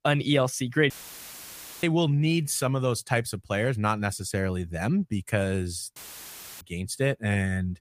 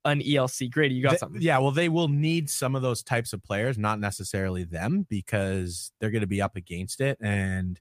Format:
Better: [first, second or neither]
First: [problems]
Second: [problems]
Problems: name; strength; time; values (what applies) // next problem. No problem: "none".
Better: second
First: audio cutting out; filled with static; at 1 s for 1 s and at 6 s for 0.5 s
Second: none